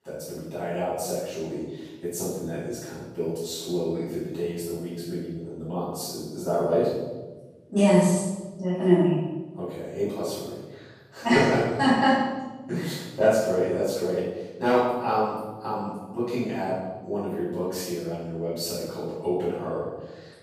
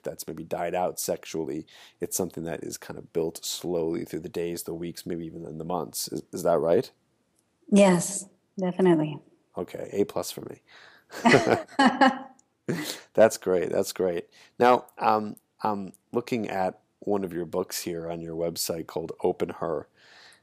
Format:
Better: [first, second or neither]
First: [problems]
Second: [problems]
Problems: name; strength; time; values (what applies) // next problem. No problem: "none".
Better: second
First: off-mic speech; far // room echo; strong; dies away in 1.2 s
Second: none